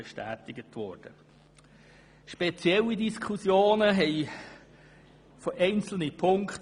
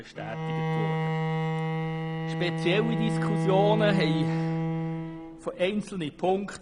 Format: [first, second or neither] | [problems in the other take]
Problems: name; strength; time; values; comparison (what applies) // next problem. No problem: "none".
first | background sound (Bowed string instrument); 1 dB above the speech